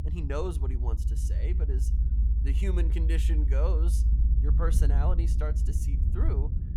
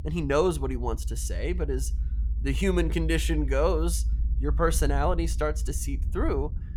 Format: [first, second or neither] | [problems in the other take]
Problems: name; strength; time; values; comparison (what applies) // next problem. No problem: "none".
second | low rumble; loud; throughout; 6 dB below the speech; faint in the second